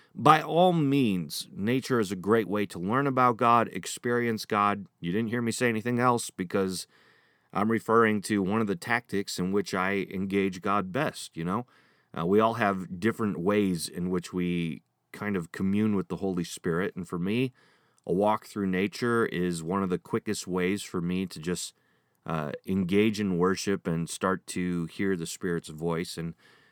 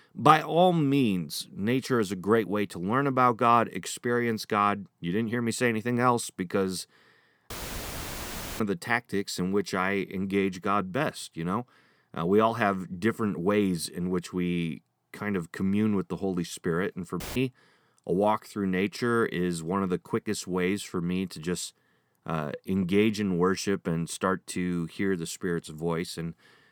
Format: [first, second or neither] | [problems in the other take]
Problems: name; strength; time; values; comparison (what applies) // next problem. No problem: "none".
first | audio cutting out; filled with static; at 7.5 s for 1 s and at 17 s